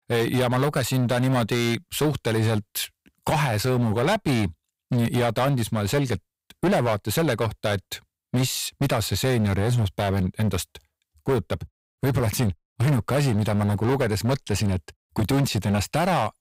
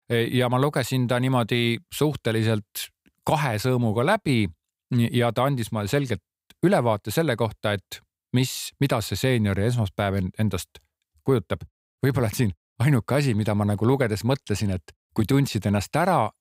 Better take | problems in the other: second | distortion; heavy; 14% of the sound clipped

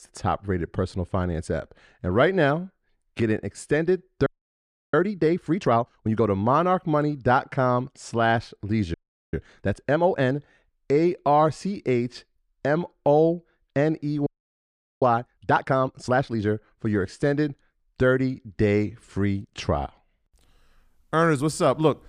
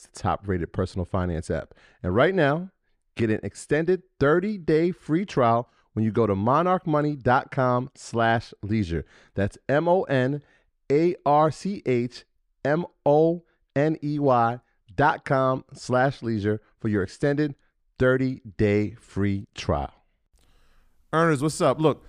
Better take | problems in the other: second | audio freezing; at 4.5 s for 0.5 s, at 9 s and at 14 s for 1 s

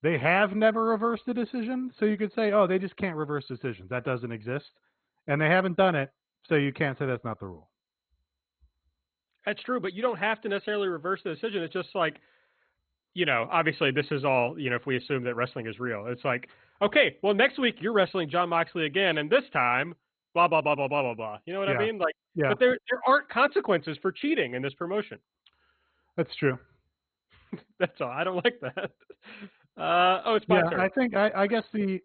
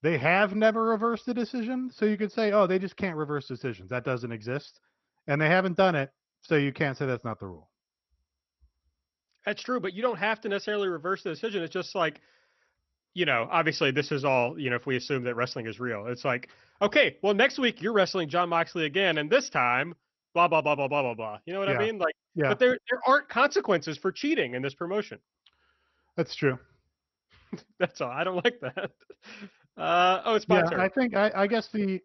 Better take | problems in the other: second | garbled, watery; badly; nothing above 3.5 kHz; slightly in the second

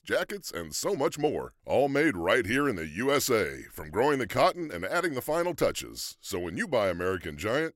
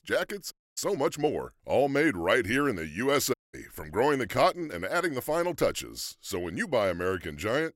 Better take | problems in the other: first | audio cutting out; at 0.5 s and at 3.5 s

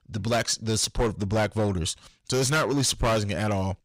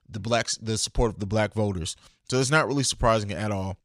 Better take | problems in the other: second | distortion; heavy; 13% of the sound clipped

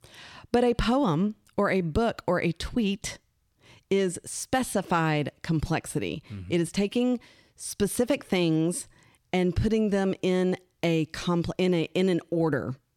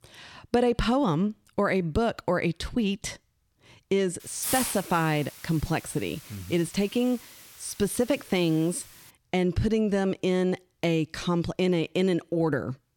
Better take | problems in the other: first | hiss; noticeable; from 4 to 9 s; 10 dB below the speech

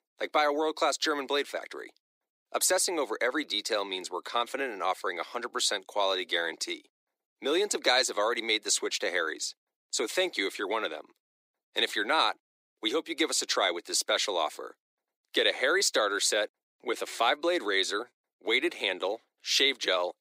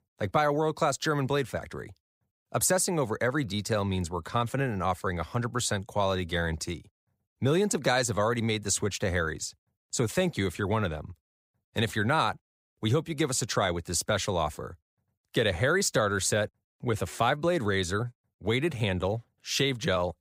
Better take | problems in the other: second | thin; very; fading below 300 Hz

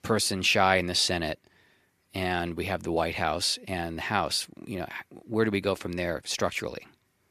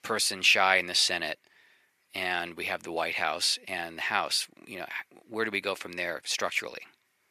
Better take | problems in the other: first | thin; somewhat; fading below 800 Hz

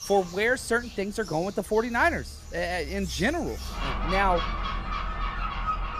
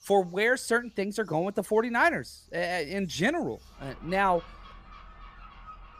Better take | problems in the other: second | animal sounds; loud; throughout; 7 dB below the speech; faint in the second

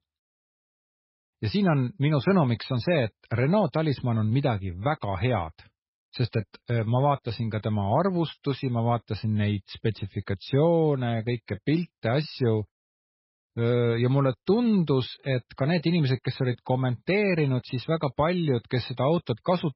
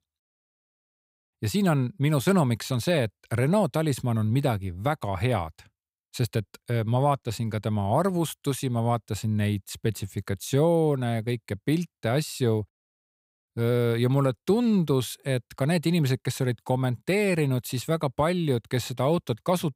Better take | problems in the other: second | garbled, watery; badly; nothing above 5.5 kHz

